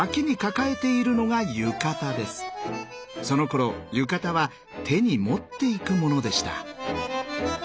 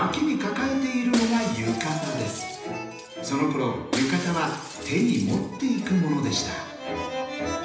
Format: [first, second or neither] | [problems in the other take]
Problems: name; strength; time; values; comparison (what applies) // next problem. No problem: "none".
first | background sound (Shatter); 12 dB below the speech // room echo; dies away in 0.9 s